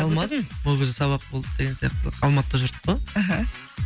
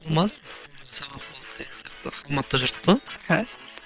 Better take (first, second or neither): first